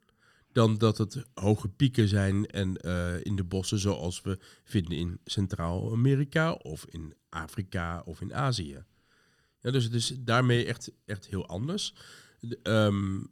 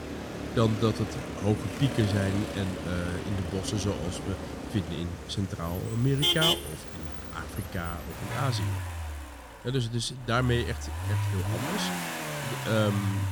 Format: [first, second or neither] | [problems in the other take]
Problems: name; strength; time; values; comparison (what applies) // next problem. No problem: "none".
first | traffic noise; loud; throughout; 2 dB below the speech